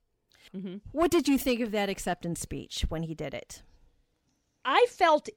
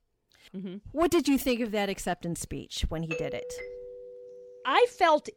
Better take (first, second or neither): first